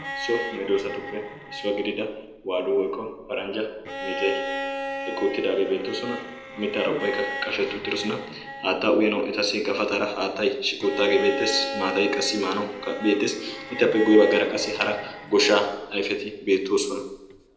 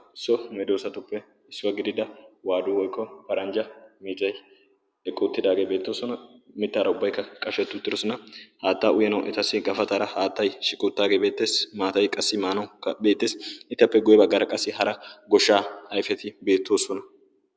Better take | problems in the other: second | background sound (Bowed string instrument); 10 dB below the speech // room echo; dies away in 0.7 s

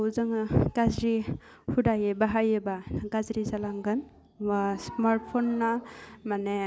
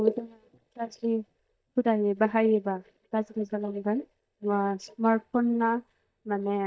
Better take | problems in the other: first | noise reduction (neural mask model DeepFilterNet 3)

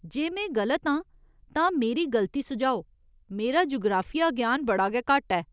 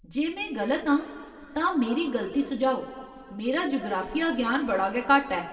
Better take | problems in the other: first | room echo; dies away in 1.7 s

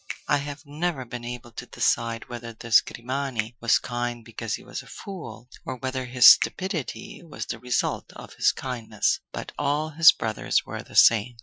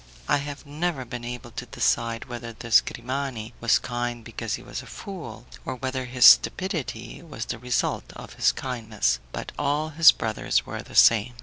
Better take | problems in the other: second | noise reduction (classical method Wiener filter)

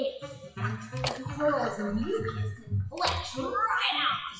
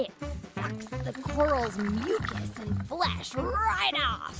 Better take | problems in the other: second | noise reduction (classical method WPE with log-MMSE)

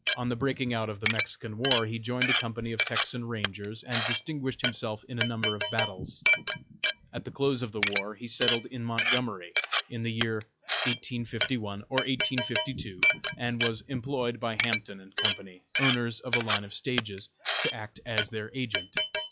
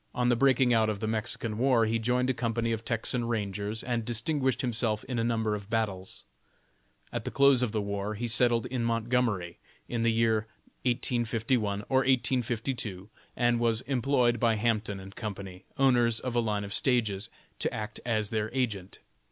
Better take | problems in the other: second | noise reduction (classical method log-MMSE)

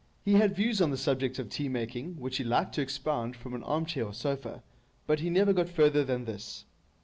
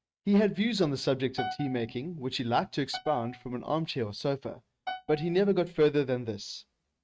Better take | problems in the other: first | noise reduction (neural mask model RNNoise)

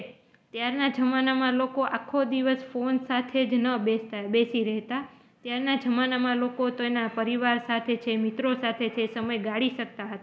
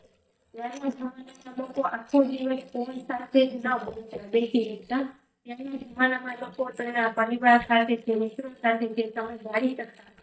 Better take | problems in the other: first | noise reduction (neural mask model DeepFilterNet 3)

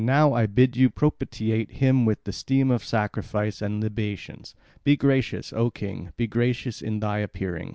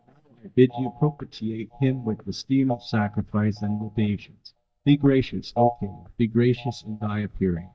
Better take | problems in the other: first | noise reduction (neural mask model DeepFilterNet 3)

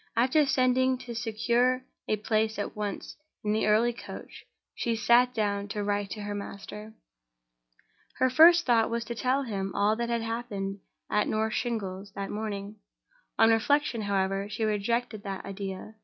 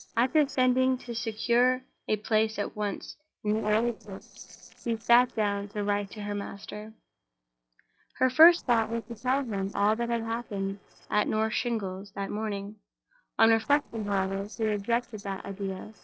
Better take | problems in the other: first | noise reduction (neural separator model SepFormer DNS4)

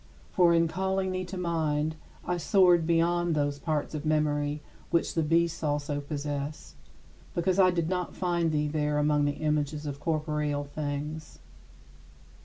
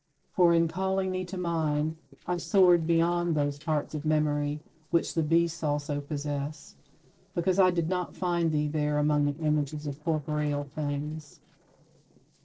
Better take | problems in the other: first | noise reduction (neural separator model SepFormer DNS4)

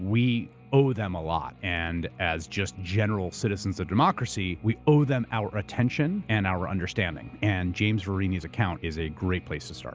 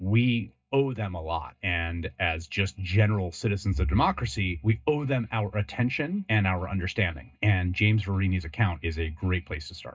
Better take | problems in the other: first | noise reduction (neural mask model DeepFilterNet 3)

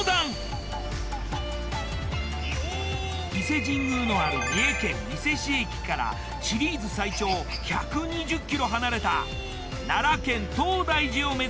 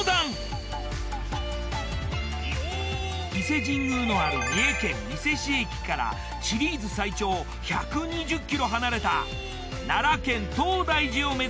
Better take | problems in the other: second | background sound (Chicken, rooster); 14 dB below the speech

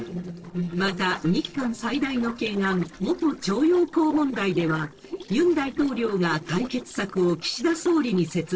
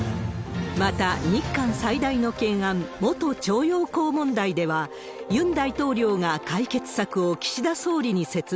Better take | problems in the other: second | noise reduction (neural separator model SepFormer DNS4)

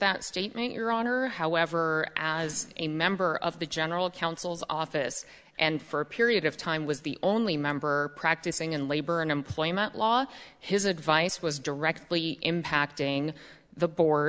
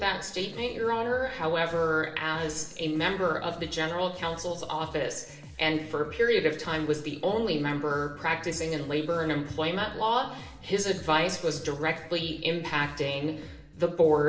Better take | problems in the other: first | background sound (Bass guitar); 20 dB below the speech // room echo; dies away in 0.7 s

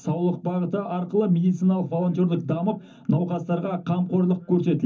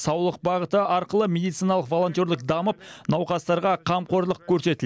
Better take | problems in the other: second | room echo; dies away in 0.3 s

